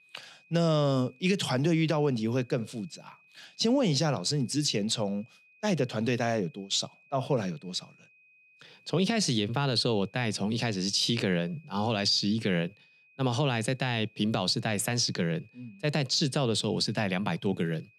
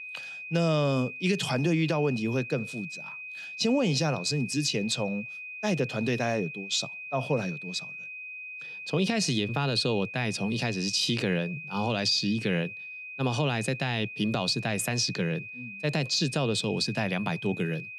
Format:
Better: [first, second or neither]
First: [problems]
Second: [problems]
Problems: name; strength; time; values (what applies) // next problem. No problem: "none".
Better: first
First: high-pitched whine; faint; throughout; 2.5 kHz, 30 dB below the speech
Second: high-pitched whine; loud; throughout; 2.5 kHz, 10 dB below the speech